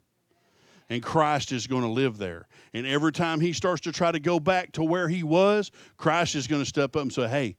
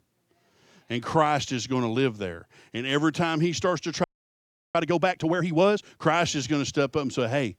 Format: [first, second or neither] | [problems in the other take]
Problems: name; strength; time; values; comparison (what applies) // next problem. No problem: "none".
first | audio freezing; at 4 s for 0.5 s